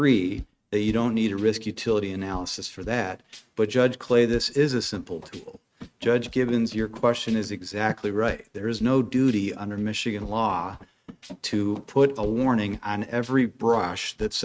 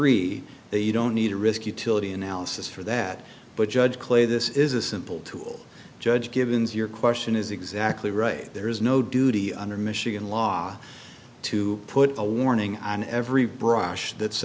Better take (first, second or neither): second